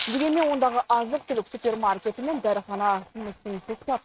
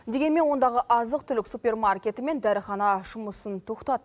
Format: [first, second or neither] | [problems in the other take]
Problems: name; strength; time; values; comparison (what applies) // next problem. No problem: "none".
second | noise reduction (neural mask model RNNoise)